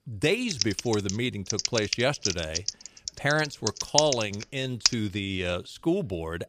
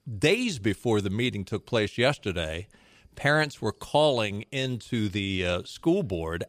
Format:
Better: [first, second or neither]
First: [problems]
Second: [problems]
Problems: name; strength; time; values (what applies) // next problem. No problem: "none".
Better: second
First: keyboard typing; loud; from 0.5 to 5 s; peak 4 dB above the speech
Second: none